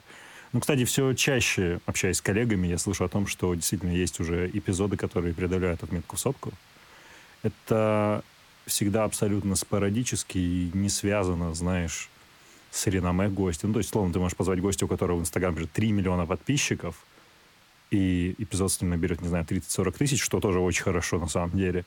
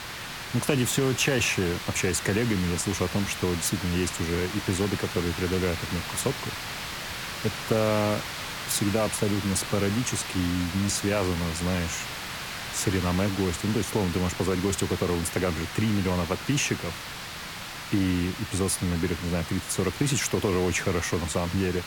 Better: first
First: hiss; faint; throughout; 30 dB below the speech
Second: hiss; loud; throughout; 7 dB below the speech

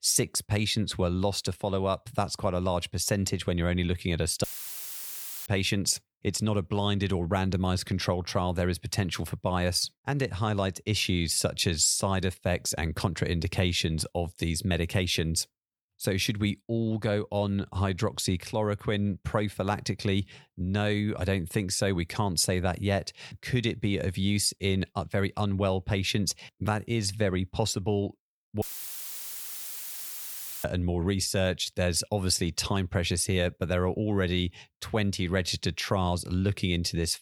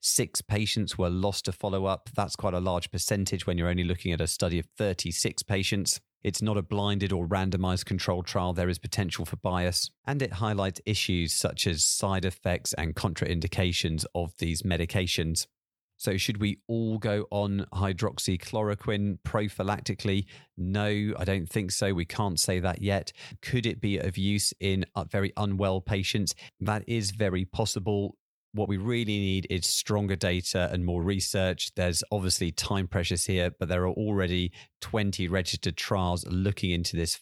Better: second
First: audio cutting out; filled with static; at 4.5 s for 1 s and at 29 s for 2 s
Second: none

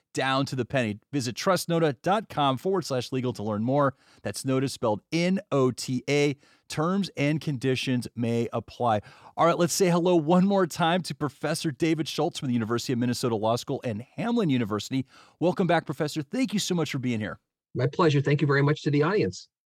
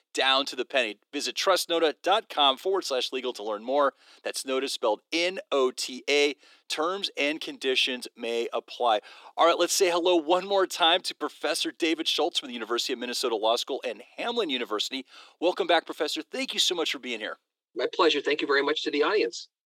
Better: first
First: none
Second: thin; somewhat; fading below 350 Hz

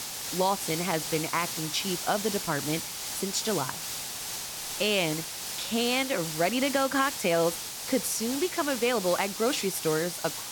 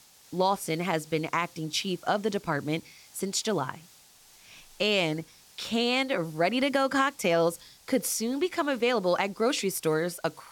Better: second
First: hiss; loud; throughout; 4 dB below the speech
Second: hiss; faint; throughout; 25 dB below the speech

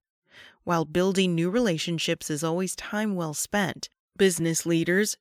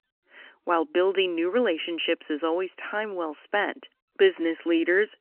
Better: first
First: none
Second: phone-call audio; nothing above 3 kHz

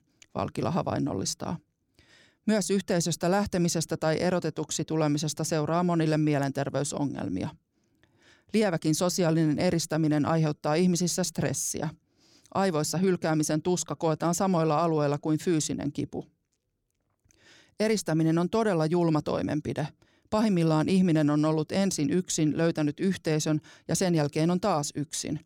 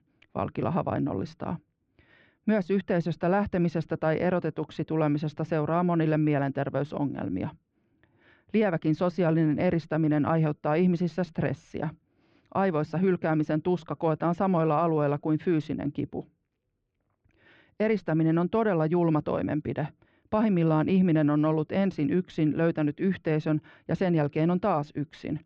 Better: first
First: none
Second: muffled; very; fading above 3 kHz

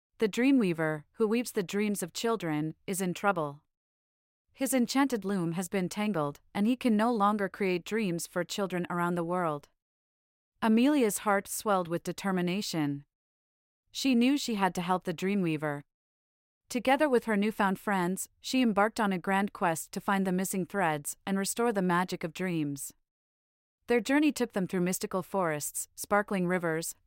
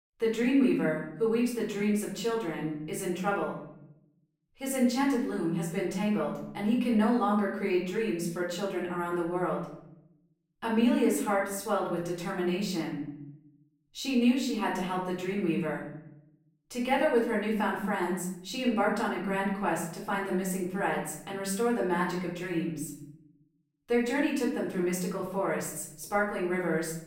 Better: first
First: none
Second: room echo; noticeable; dies away in 0.7 s // off-mic speech; far

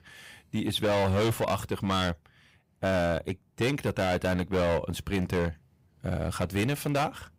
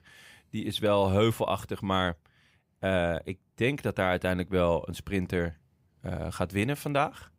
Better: second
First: distortion; heavy; 14% of the sound clipped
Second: none

